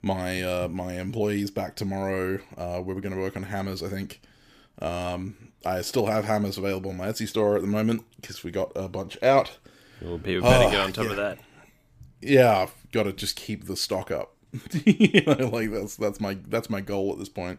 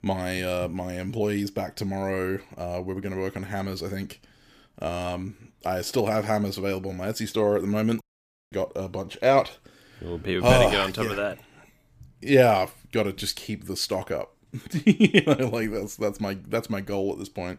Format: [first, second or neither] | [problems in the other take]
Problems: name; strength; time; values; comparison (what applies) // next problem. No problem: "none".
first | audio cutting out; at 8 s for 0.5 s